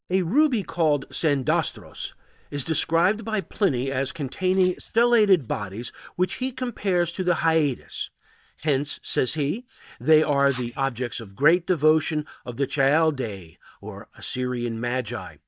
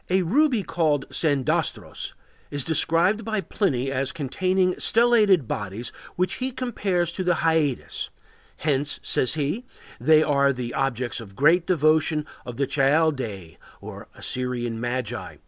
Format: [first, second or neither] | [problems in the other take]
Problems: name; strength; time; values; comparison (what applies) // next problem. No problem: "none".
second | noise reduction (neural mask model DeepFilterNet 3)